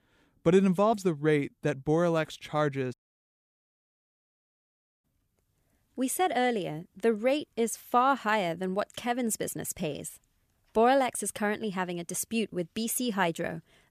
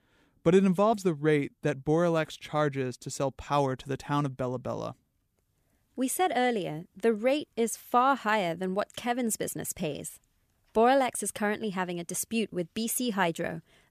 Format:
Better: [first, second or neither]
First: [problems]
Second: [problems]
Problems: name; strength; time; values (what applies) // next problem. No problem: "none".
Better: second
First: audio cutting out; at 3 s for 2 s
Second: none